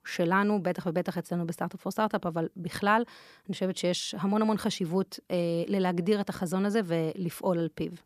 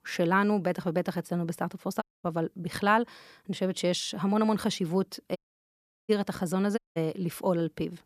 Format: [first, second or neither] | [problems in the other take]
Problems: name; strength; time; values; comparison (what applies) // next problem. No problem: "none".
first | audio cutting out; at 2 s, at 5.5 s for 0.5 s and at 7 s